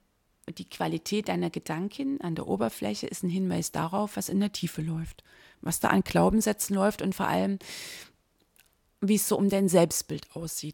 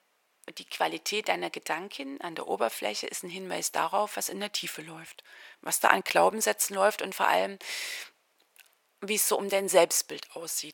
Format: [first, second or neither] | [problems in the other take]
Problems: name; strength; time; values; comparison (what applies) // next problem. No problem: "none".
first | thin; very; fading below 600 Hz